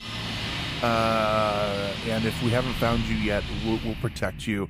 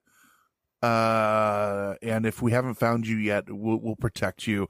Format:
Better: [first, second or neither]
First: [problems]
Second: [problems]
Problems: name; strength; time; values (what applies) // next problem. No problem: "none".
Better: second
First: traffic noise; loud; throughout; 5 dB below the speech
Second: none